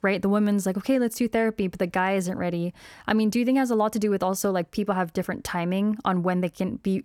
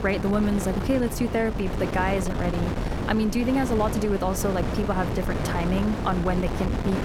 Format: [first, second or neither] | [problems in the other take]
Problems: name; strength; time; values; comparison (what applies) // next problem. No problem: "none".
first | wind noise on the microphone; heavy; 5 dB below the speech